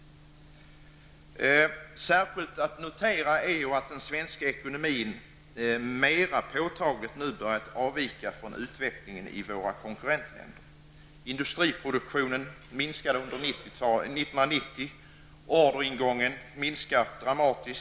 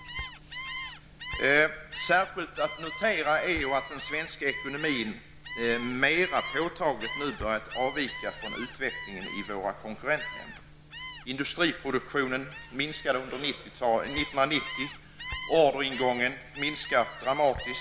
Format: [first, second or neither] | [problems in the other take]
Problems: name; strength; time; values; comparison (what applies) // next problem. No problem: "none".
first | background sound (Gull, seagull); 11 dB below the speech